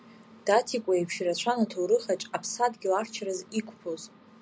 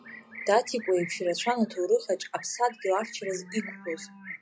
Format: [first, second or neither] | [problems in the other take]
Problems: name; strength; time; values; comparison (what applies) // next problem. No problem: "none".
first | noise reduction (classical method log-MMSE)